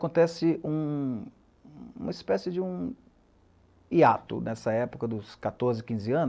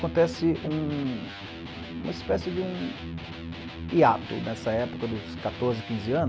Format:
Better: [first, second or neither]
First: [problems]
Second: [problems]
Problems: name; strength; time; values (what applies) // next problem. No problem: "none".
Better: first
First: none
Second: background sound (Electric guitar); 9 dB below the speech